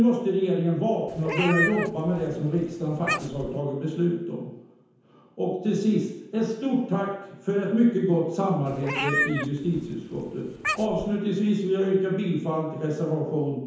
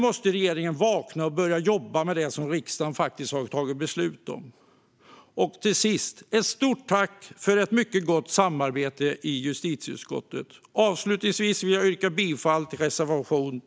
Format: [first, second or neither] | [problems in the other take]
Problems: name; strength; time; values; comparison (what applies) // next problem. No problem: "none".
second | background sound (Meow); 6 dB below the speech // room echo; dies away in 0.9 s